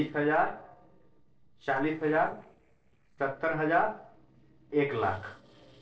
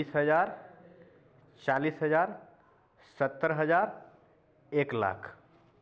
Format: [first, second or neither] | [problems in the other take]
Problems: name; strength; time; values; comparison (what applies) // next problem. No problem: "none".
second | noise reduction (neural separator model SepFormer DNS4)